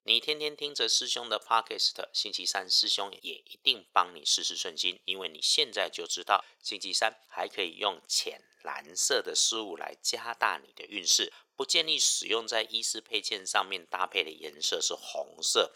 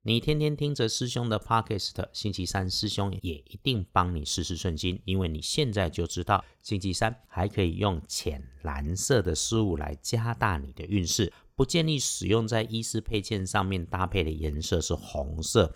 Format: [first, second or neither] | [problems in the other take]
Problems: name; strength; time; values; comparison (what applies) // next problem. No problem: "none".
second | thin; very; fading below 500 Hz